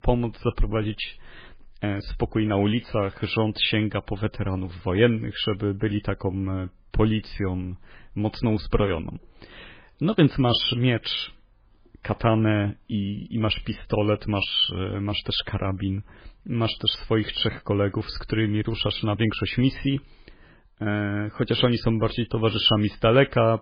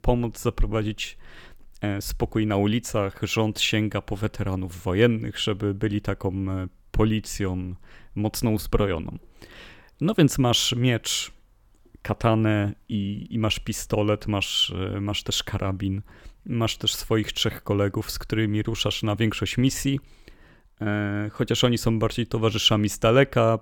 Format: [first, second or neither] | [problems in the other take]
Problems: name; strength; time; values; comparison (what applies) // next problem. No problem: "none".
second | garbled, watery; badly